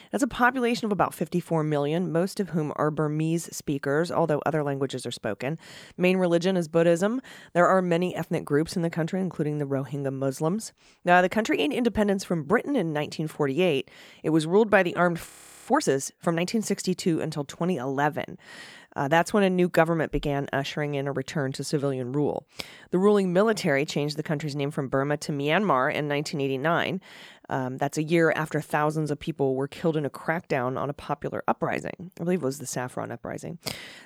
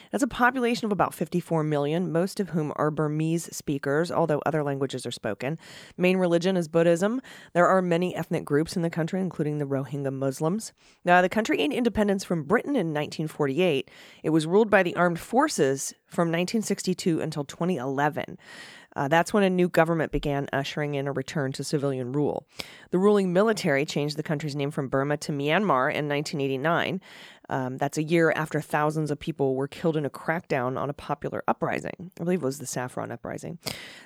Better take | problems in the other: second | audio freezing; at 15 s

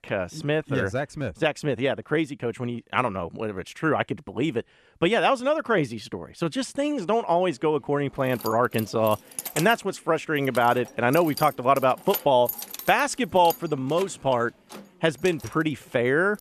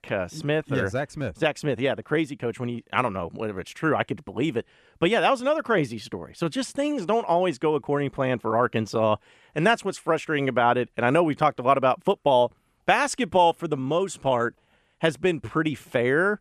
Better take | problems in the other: second | jangling keys; noticeable; from 8.5 to 15 s; peak 6 dB below the speech

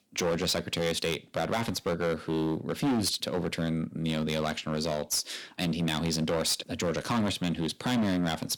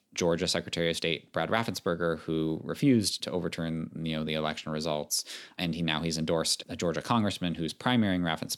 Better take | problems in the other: second | distortion; heavy; 12% of the sound clipped

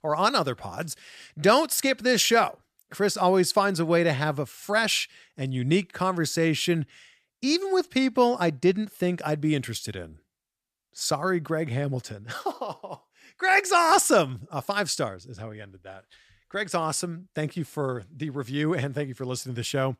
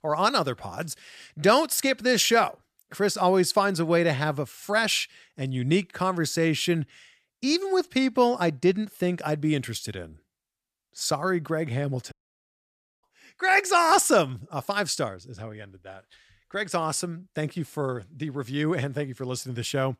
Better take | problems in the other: first | audio cutting out; at 12 s for 1 s

